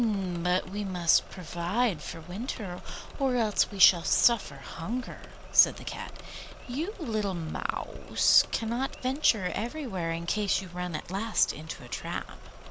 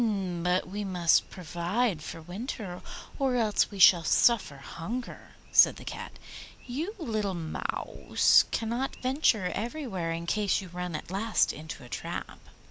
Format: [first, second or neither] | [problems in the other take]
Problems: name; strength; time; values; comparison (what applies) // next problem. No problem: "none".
second | background sound (Engine / Mechanisms); 14 dB below the speech